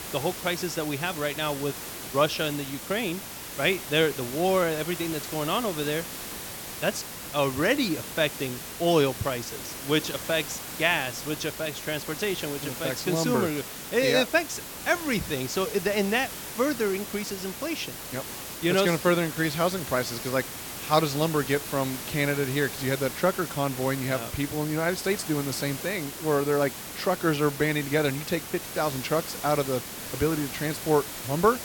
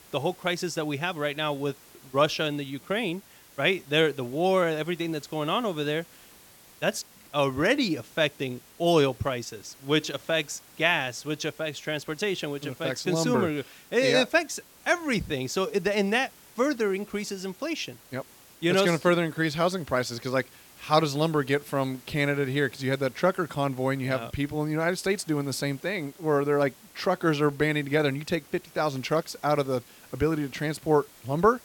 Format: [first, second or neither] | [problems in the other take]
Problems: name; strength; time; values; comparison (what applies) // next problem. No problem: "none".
second | hiss; loud; throughout; 8 dB below the speech; faint in the second